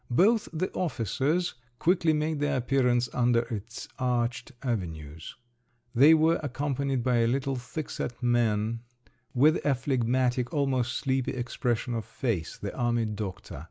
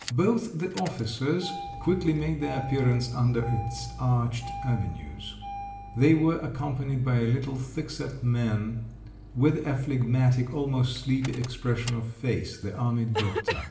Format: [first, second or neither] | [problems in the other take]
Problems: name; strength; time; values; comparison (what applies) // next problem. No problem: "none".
first | background sound (Engine starting); 11 dB below the speech // room echo; dies away in 0.8 s